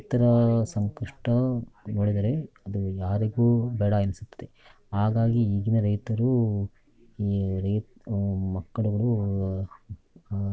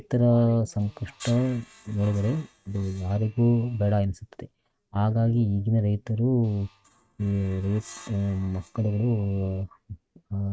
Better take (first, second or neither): first